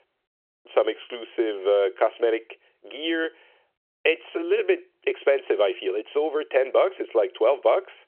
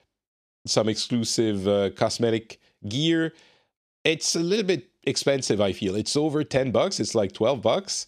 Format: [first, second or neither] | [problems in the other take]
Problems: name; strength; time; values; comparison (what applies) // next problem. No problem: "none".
second | phone-call audio; nothing above 3 kHz